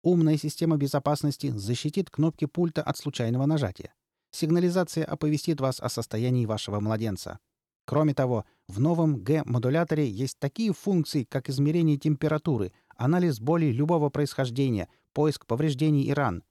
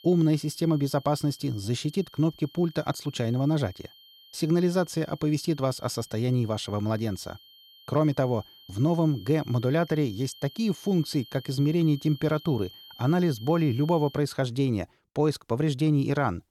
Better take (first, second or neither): first